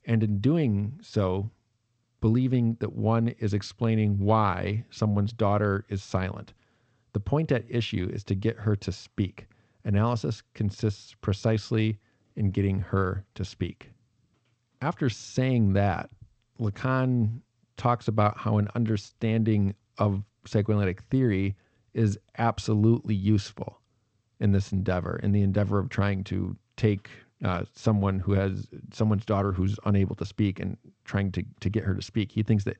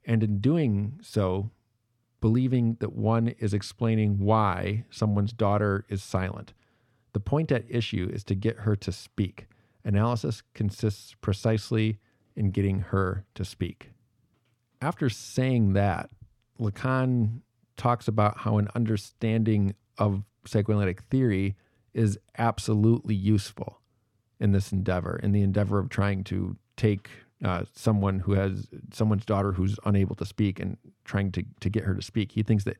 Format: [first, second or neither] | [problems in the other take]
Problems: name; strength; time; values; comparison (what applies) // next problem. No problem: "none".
second | garbled, watery; slightly; nothing above 18.5 kHz